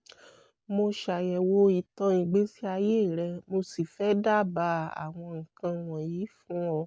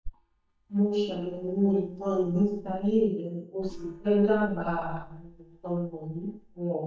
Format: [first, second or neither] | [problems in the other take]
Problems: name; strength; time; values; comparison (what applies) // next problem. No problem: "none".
first | noise reduction (neural mask model DeepFilterNet 3)